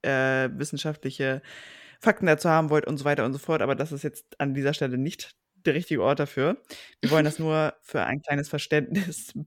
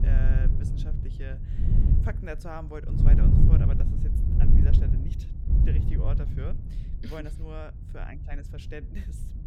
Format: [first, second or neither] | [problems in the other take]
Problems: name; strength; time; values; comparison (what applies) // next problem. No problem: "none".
first | wind noise on the microphone; heavy; 3 dB above the speech